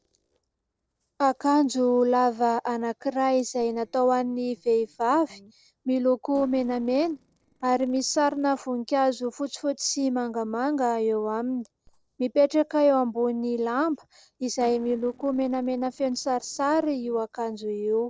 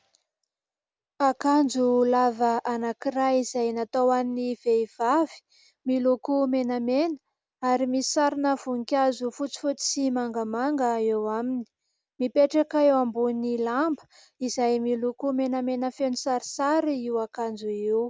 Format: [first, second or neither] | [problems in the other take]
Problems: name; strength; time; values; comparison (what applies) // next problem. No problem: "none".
second | noise reduction (neural separator model SepFormer DNS4)